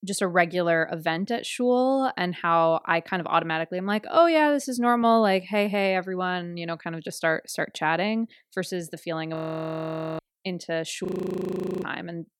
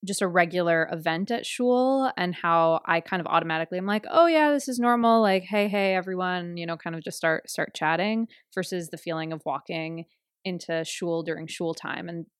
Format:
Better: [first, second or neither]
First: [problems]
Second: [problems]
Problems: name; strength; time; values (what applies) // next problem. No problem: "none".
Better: second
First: audio freezing; at 9.5 s for 1 s and at 11 s for 1 s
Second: none